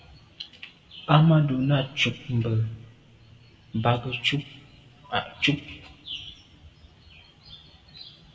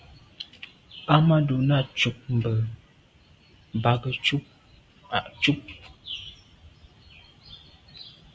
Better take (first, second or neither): second